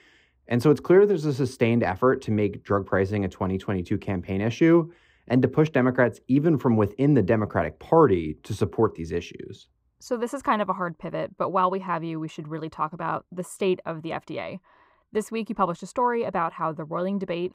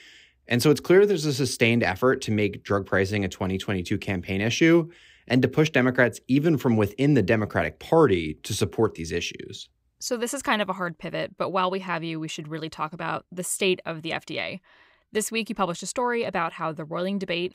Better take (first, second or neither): second